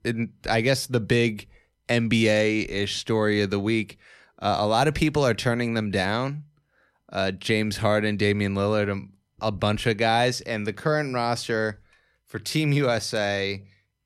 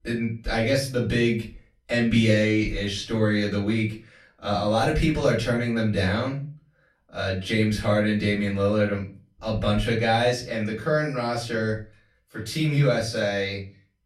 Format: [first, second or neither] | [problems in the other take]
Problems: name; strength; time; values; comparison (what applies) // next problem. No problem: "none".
first | room echo; slight; dies away in 0.3 s // off-mic speech; far